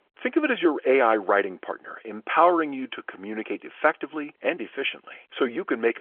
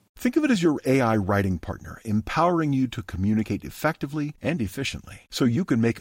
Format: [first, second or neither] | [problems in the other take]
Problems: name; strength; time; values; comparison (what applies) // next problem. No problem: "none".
second | phone-call audio; nothing above 3 kHz